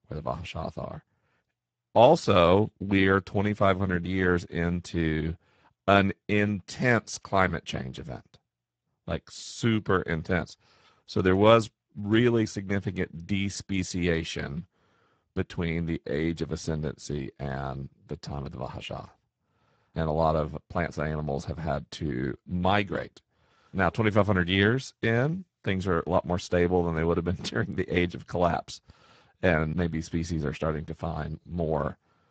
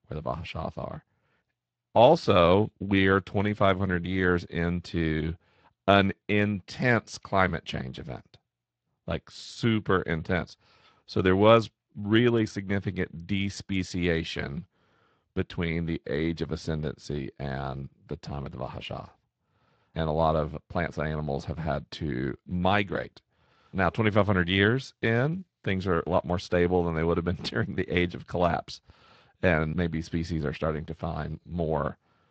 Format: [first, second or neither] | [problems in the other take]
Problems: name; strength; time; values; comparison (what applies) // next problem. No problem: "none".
second | garbled, watery; badly; nothing above 8 kHz; slightly in the second